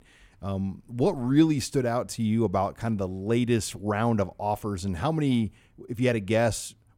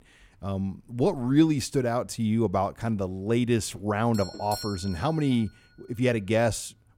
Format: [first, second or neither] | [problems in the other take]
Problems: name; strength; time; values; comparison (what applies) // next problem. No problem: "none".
first | doorbell; noticeable; from 4 to 5.5 s; peak 10 dB below the speech